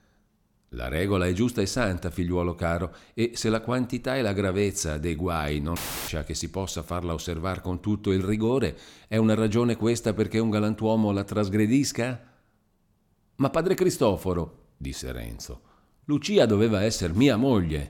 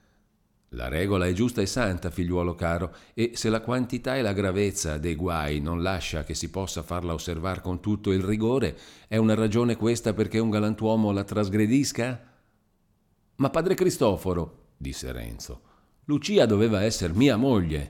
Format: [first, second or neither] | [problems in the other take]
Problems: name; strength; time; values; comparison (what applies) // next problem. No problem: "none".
second | audio cutting out; filled with static; at 6 s